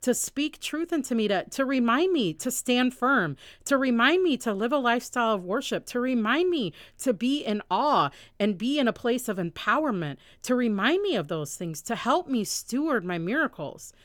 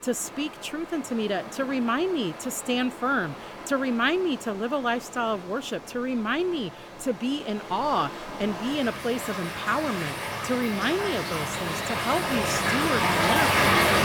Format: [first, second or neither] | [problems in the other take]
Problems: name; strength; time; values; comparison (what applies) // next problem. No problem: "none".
first | rain or running water; very loud; throughout; 1 dB above the speech